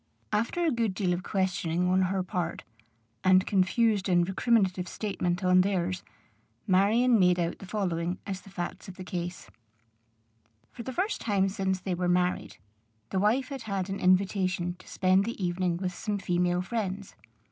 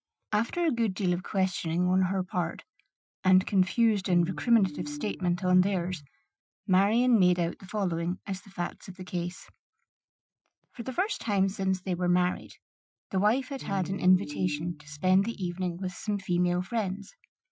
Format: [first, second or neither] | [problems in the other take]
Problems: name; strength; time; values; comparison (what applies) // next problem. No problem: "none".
first | noise reduction (classical method Wiener filter)